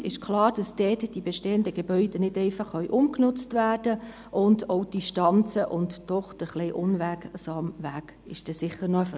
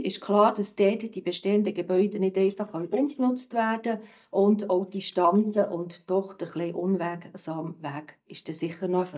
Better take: first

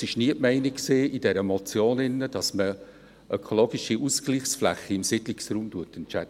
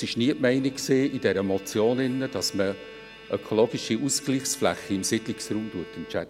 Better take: first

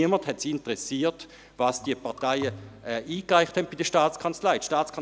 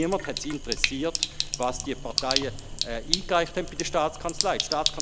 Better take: first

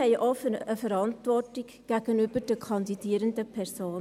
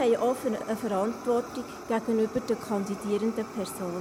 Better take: first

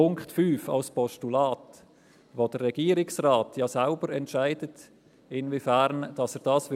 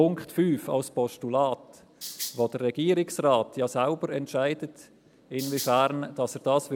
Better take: first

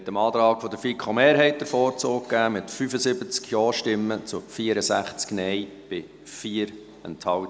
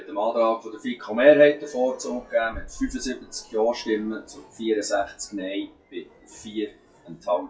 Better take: first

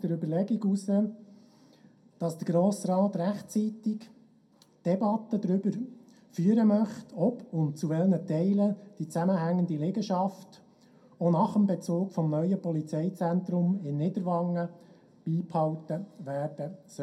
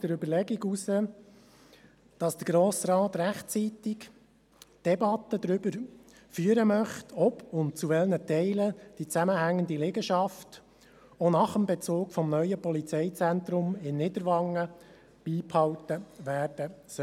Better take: second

